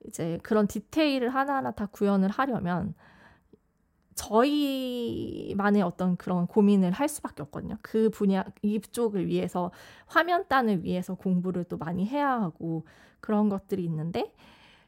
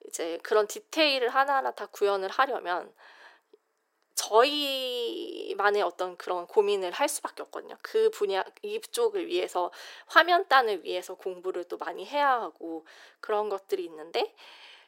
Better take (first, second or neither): first